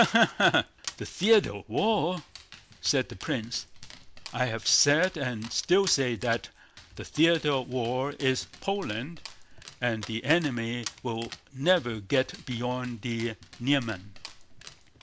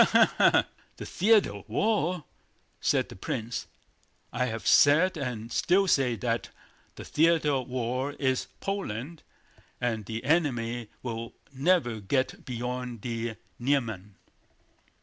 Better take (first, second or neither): second